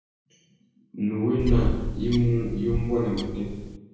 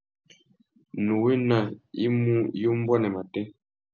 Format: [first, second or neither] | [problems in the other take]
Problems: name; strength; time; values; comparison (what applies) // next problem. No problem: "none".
second | background sound (Bird); 2 dB below the speech // room echo; dies away in 1 s